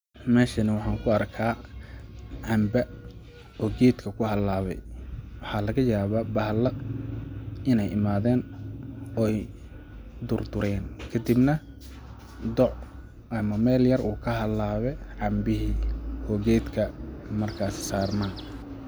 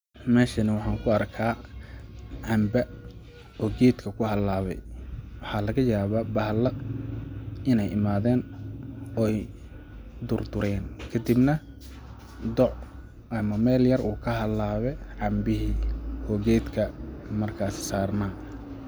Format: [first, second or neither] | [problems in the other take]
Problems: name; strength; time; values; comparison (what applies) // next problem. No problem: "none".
second | background sound (Chirp, tweet); 19 dB below the speech